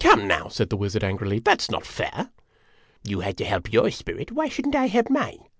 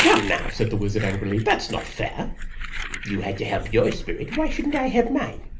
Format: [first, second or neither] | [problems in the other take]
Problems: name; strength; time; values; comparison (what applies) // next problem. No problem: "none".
first | background sound (Crumpling, crinkling); 6 dB below the speech // room echo; dies away in 0.3 s